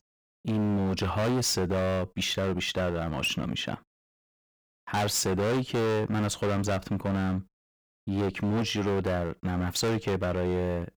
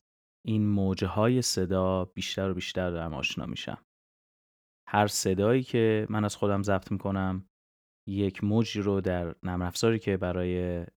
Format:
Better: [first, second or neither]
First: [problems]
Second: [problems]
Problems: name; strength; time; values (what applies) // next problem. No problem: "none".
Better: second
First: distortion; heavy; 21% of the sound clipped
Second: none